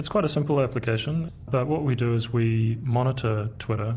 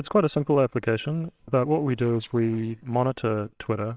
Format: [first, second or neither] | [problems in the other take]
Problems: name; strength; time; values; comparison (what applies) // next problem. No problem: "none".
first | noise reduction (neural separator model SepFormer WHAMR!)